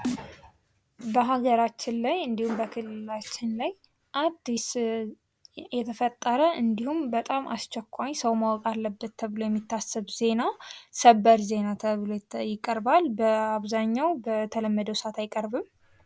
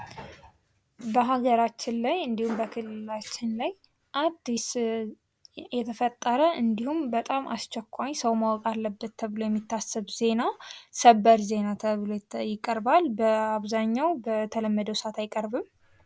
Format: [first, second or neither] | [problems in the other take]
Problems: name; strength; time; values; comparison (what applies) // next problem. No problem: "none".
second | background sound (Snare drum); 8 dB below the speech